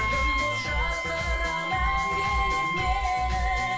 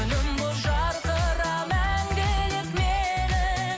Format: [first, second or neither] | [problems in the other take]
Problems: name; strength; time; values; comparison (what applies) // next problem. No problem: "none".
second | background sound (Wind instrument, woodwind instrument); 1 dB below the speech // room echo; dies away in 0.2 s